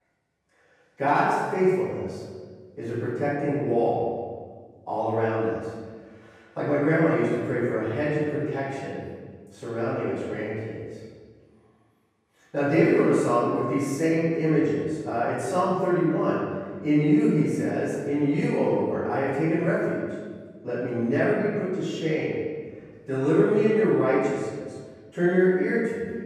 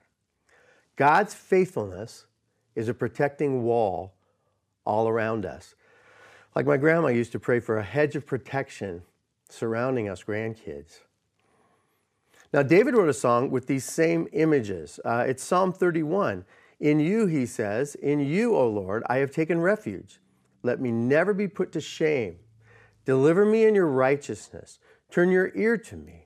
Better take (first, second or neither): second